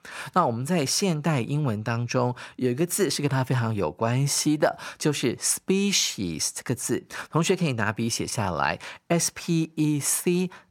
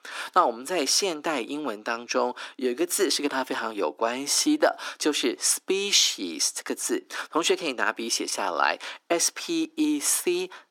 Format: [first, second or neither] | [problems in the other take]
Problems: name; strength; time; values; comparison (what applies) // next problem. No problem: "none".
first | thin; somewhat; fading below 300 Hz